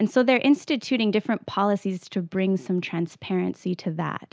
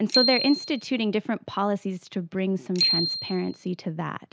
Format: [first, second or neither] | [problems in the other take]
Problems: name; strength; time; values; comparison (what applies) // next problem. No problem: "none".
first | background sound (Bicycle bell); 2 dB below the speech